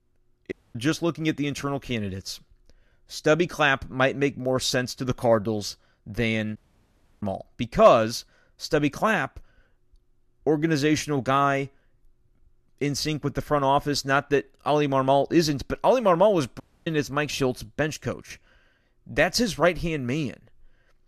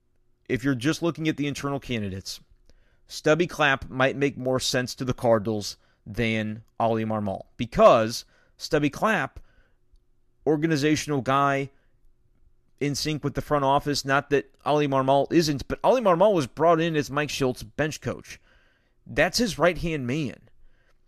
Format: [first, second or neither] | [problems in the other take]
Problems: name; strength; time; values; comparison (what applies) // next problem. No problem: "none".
second | audio cutting out; at 0.5 s, at 6.5 s for 0.5 s and at 17 s